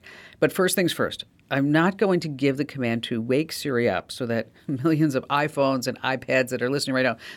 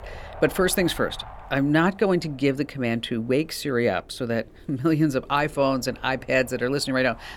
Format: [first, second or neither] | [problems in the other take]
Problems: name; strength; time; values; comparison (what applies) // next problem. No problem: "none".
first | wind noise on the microphone; occasional gusts; 20 dB below the speech